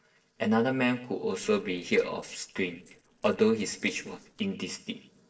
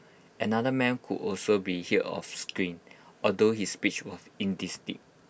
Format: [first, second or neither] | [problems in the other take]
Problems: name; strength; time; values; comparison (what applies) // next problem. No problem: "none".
second | noise reduction (neural separator model SepFormer DNS4)